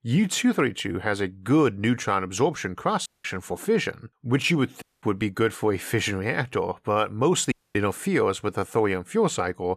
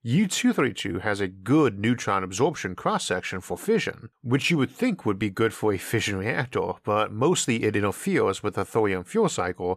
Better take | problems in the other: second | audio cutting out; at 3 s, at 5 s and at 7.5 s

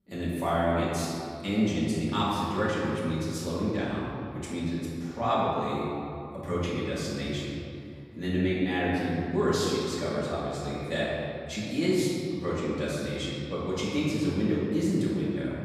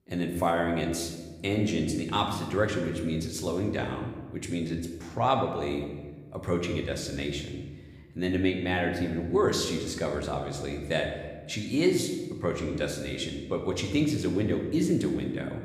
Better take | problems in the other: second | room echo; strong; dies away in 2.3 s; slight in the second // off-mic speech; far

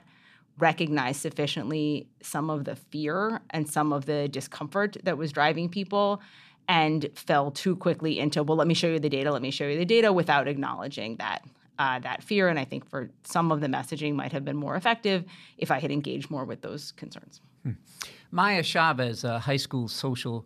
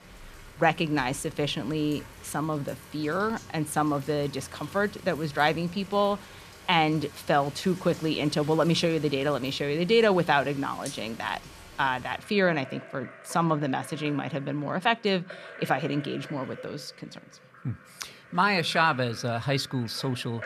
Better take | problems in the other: first | rain or running water; noticeable; throughout; 20 dB below the speech

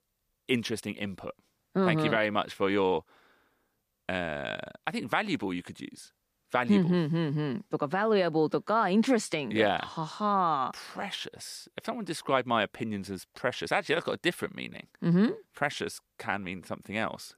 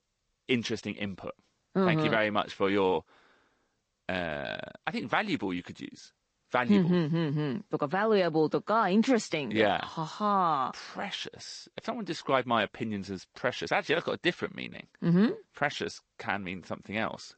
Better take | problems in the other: first | garbled, watery; slightly; nothing above 8 kHz

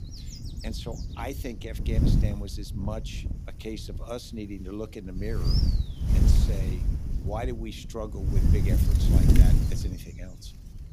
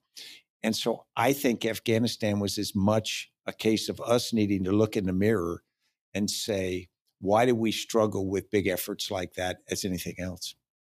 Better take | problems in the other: second | wind noise on the microphone; heavy; 1 dB above the speech

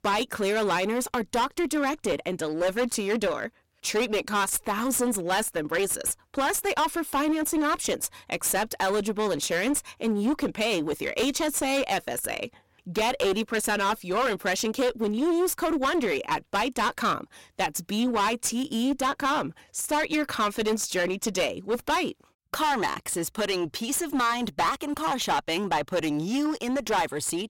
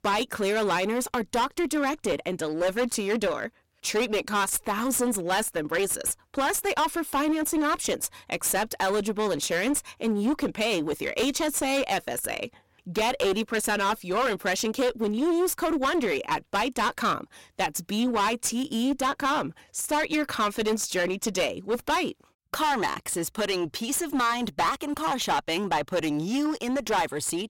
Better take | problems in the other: neither | distortion; heavy; 16% of the sound clipped; the same in both

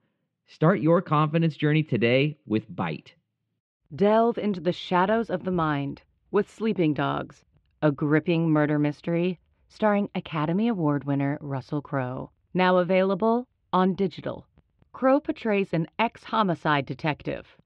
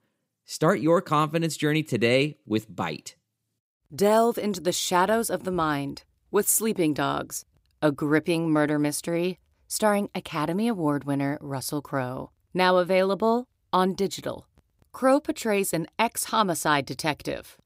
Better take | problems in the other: second | muffled; very; fading above 3 kHz

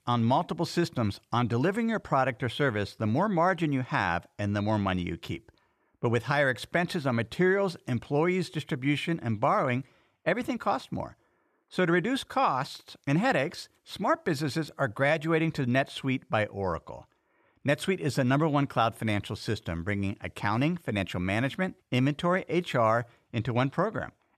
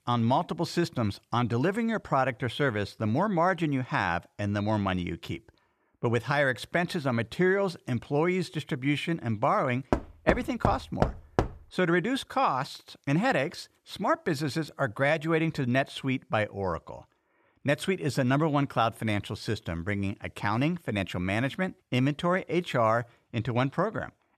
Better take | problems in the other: first | door banging; noticeable; from 10 to 11 s; peak 1 dB below the speech

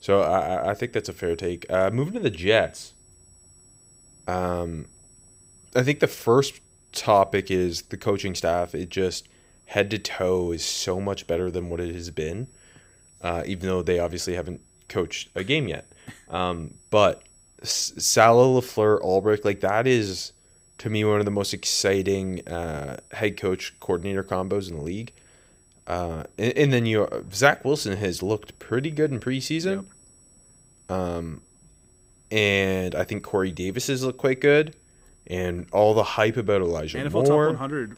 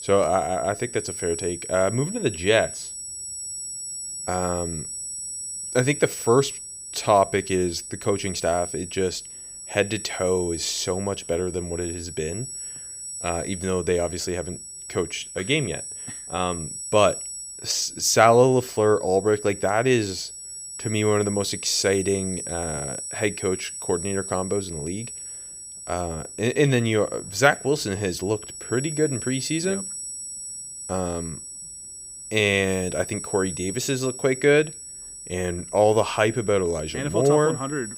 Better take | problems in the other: first | high-pitched whine; loud; throughout; 8 kHz, 9 dB below the speech; faint in the first

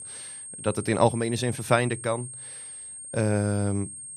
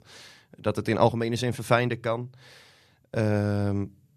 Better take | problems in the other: second | high-pitched whine; noticeable; throughout; 8.5 kHz, 10 dB below the speech

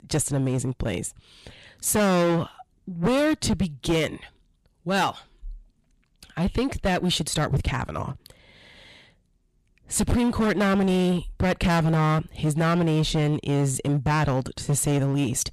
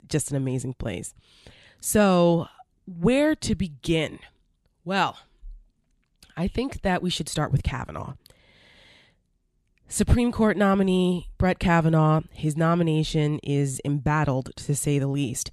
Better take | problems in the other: second | distortion; heavy; 14% of the sound clipped

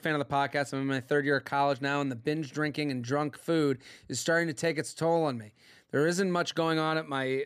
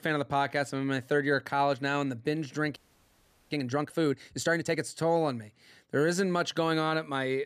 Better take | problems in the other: first | audio freezing; at 3 s for 1 s

